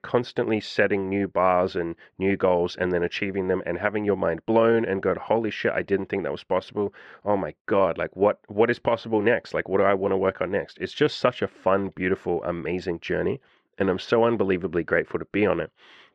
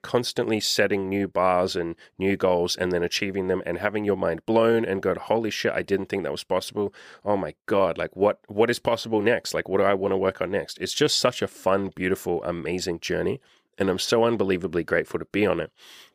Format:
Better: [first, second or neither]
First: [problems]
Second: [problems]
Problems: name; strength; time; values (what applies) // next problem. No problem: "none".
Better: second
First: muffled; slightly; fading above 2 kHz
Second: none